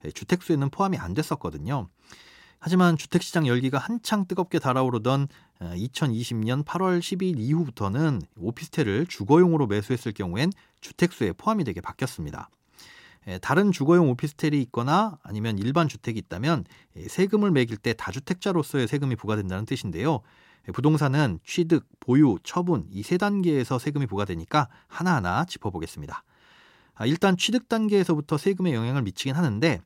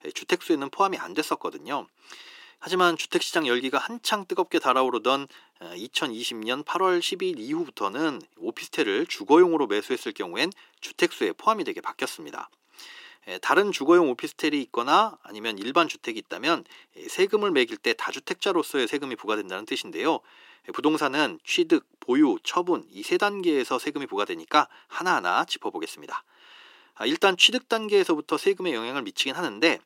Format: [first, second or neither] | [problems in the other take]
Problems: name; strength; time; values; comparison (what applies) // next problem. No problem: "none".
first | thin; somewhat; fading below 350 Hz